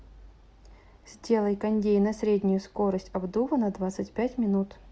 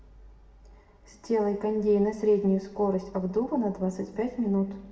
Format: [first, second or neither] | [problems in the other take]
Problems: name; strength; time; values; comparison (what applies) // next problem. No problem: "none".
first | room echo; dies away in 1.5 s